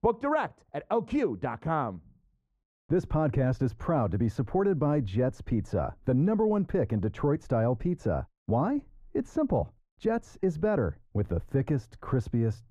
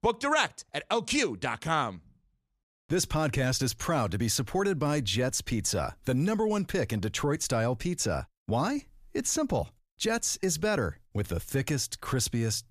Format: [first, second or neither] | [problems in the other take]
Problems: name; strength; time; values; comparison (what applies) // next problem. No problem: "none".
second | muffled; very; fading above 2 kHz